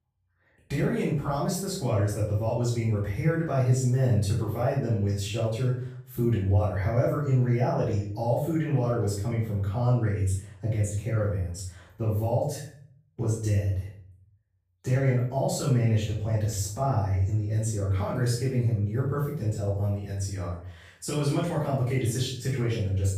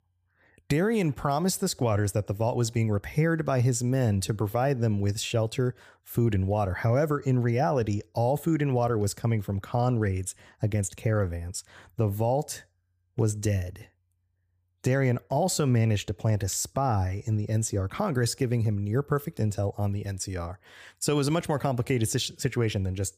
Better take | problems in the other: second | room echo; noticeable; dies away in 0.5 s // off-mic speech; far

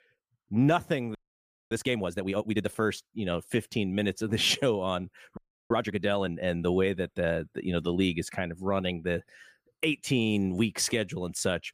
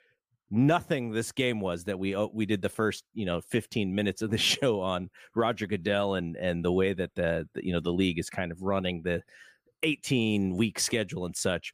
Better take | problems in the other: second | audio freezing; at 1 s for 0.5 s and at 5.5 s

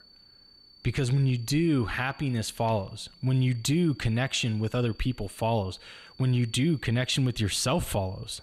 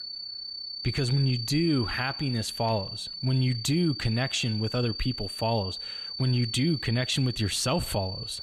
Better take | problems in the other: first | high-pitched whine; loud; throughout; 4.5 kHz, 6 dB below the speech; faint in the first

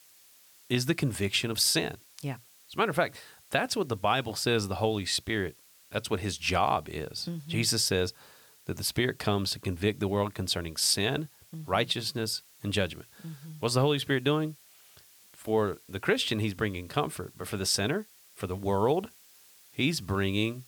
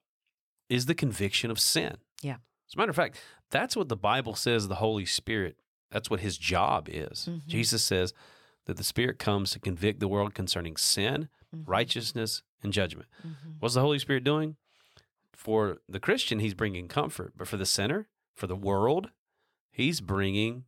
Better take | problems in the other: second | hiss; faint; throughout; 25 dB below the speech

